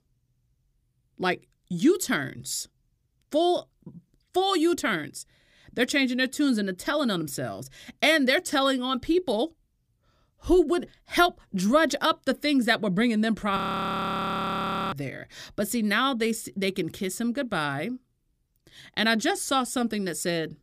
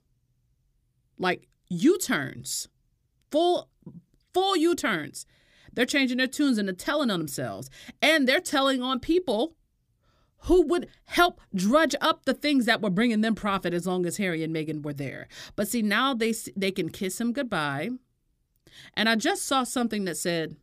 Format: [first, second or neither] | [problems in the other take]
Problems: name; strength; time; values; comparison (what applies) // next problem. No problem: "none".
second | audio freezing; at 14 s for 1.5 s